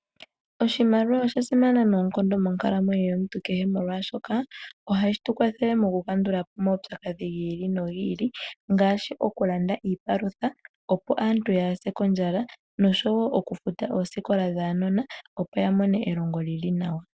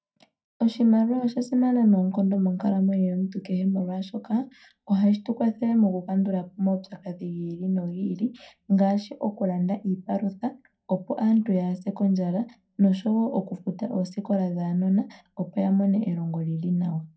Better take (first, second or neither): first